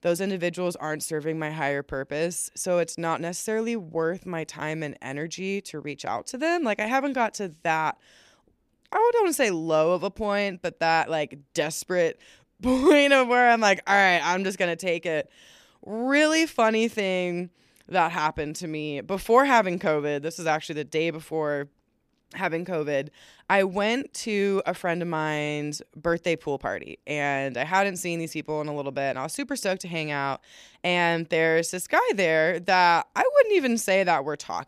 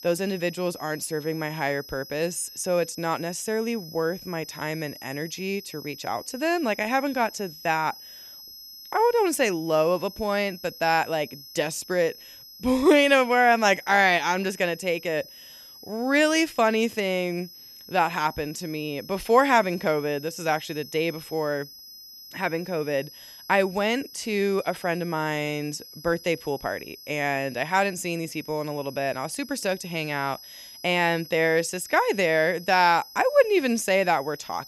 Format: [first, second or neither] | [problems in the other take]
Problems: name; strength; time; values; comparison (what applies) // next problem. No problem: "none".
first | high-pitched whine; noticeable; throughout; 5 kHz, 15 dB below the speech